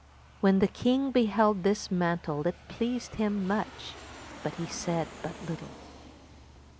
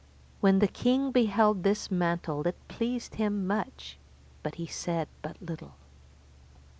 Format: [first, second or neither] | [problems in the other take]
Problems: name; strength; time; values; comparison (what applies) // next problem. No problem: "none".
second | background sound (Aircraft); 19 dB below the speech